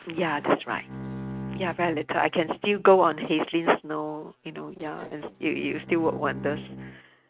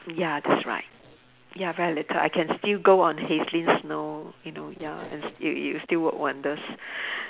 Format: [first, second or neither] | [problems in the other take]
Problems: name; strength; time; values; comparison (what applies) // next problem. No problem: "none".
second | noise reduction (neural mask model RNNoise)